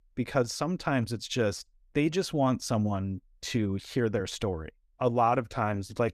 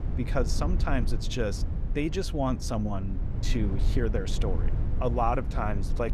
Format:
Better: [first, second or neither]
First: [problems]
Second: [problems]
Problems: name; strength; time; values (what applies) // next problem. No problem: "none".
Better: first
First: none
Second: low rumble; noticeable; throughout; 10 dB below the speech